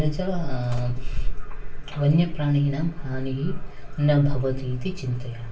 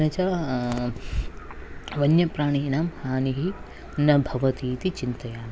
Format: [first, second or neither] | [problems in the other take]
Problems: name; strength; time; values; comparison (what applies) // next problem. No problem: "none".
second | room echo; dies away in 0.3 s